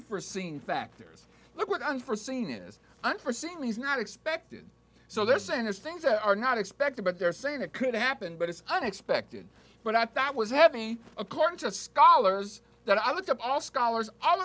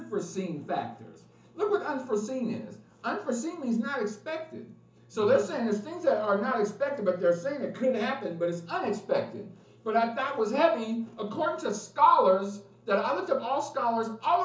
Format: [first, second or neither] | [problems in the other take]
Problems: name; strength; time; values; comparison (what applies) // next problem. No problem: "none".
first | room echo; dies away in 0.8 s